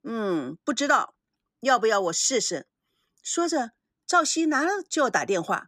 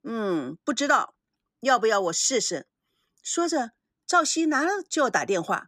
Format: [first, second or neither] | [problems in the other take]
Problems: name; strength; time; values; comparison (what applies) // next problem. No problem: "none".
neither | none